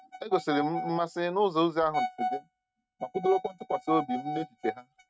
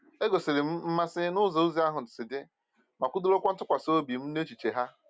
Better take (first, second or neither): second